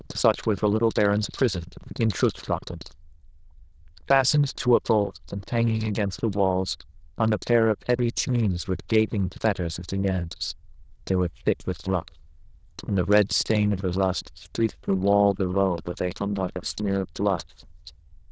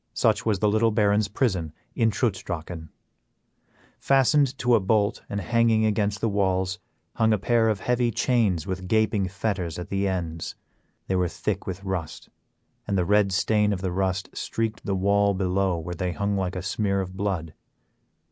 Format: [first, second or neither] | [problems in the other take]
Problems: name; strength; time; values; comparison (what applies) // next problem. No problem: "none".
second | noise reduction (neural diffusion model UNIVERSE++)